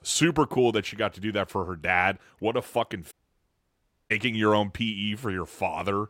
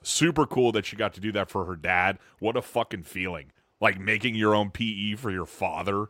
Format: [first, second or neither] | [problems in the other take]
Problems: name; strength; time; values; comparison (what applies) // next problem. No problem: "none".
second | audio cutting out; at 3 s for 1 s